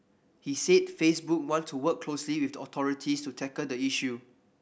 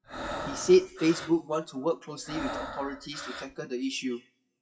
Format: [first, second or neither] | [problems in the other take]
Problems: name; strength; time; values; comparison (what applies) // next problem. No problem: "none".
first | noise reduction (classical method WPE with log-MMSE)